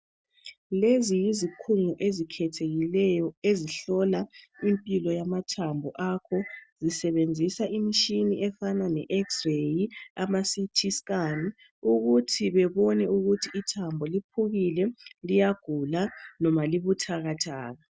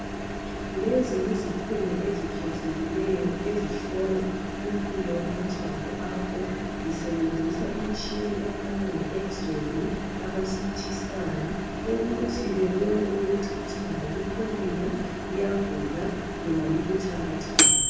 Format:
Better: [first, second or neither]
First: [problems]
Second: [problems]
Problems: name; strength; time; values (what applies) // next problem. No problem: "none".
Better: first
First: none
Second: background sound (Microwave oven); 1 dB below the speech // room echo; dies away in 1.1 s